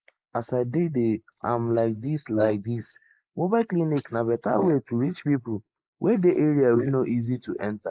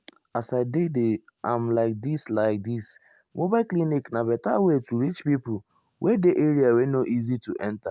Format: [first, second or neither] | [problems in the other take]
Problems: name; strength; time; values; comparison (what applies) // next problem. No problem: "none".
second | noise reduction (neural mask model Resemble Enhance denoiser)